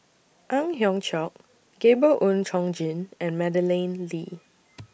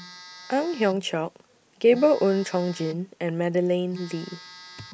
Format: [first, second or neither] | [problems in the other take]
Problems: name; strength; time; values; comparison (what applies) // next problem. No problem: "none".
first | background sound (Telephone); 20 dB below the speech